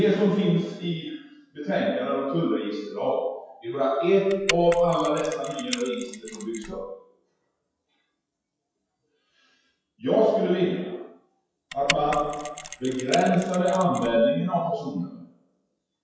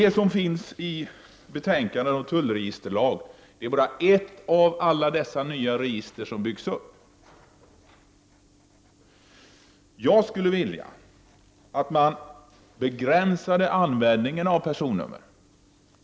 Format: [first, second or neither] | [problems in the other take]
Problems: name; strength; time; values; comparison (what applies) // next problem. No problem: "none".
second | noise reduction (classical method WPE with log-MMSE)